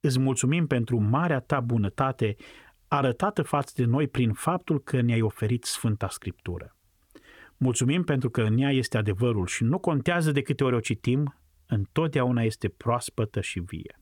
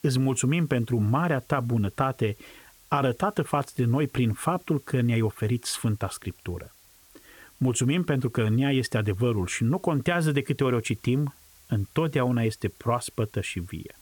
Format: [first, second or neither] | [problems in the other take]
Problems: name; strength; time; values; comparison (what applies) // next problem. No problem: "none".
first | hiss; faint; throughout; 25 dB below the speech